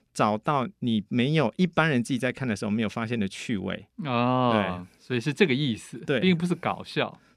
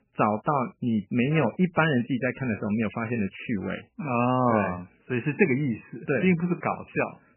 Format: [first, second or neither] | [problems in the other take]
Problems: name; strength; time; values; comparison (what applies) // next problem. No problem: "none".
first | garbled, watery; badly; nothing above 3 kHz